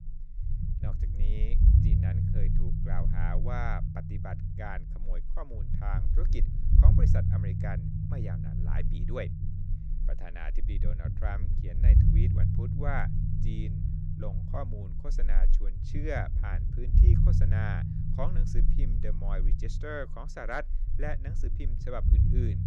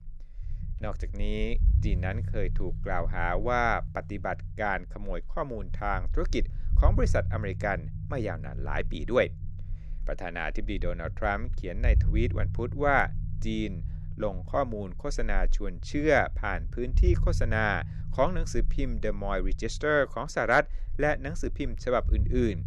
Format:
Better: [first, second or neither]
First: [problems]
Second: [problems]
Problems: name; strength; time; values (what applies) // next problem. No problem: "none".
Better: second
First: low rumble; loud; throughout; 3 dB below the speech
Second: low rumble; faint; throughout; 20 dB below the speech